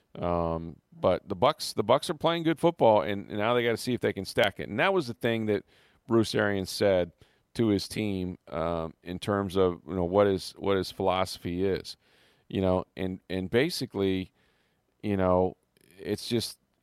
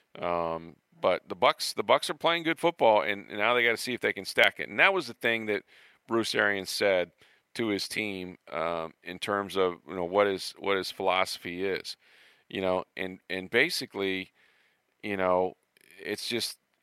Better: first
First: none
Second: thin; somewhat; fading below 550 Hz

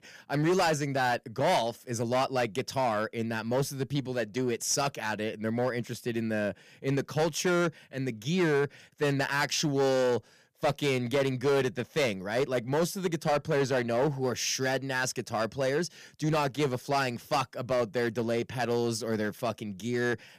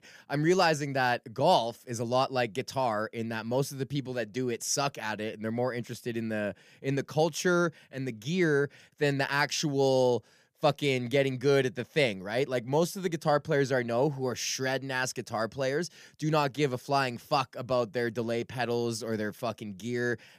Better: second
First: distortion; slight; 7% of the sound clipped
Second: none

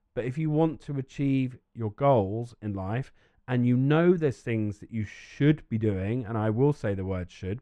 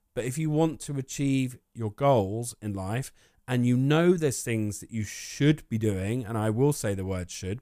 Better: second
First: muffled; very; fading above 2.5 kHz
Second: none

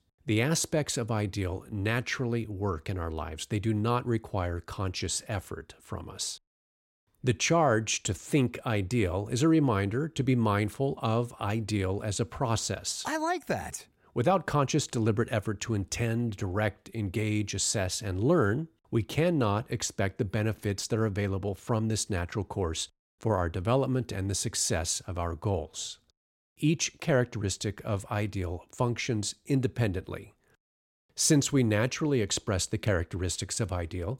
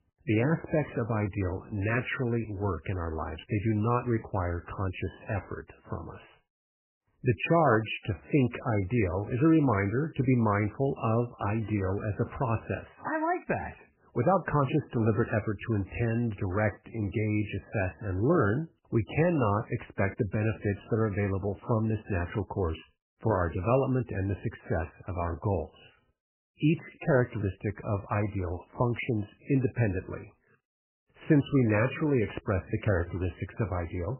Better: first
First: none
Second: garbled, watery; badly; nothing above 3 kHz

